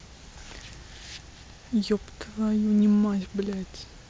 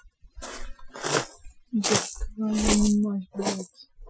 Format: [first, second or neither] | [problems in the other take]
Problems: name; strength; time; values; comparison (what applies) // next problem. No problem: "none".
first | noise reduction (classical method Wiener filter)